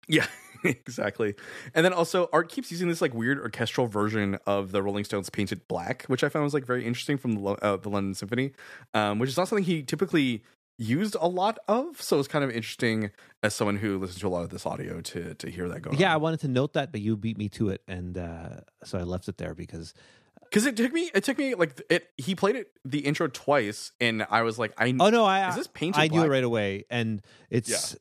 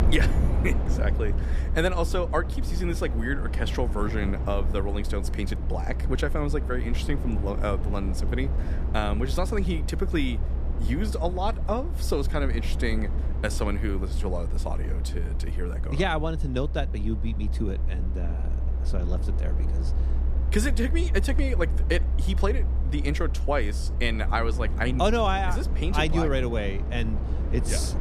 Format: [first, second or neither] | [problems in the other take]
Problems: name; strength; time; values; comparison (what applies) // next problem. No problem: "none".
first | low rumble; noticeable; throughout; 10 dB below the speech